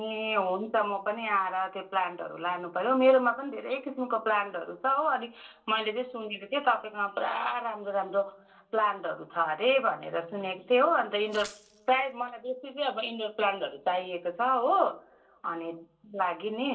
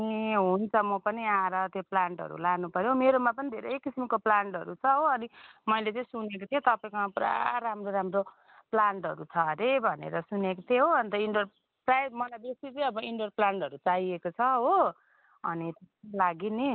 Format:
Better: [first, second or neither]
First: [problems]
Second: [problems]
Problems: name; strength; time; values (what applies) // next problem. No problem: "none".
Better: second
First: noise reduction (neural separator model SepFormer DNS4)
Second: none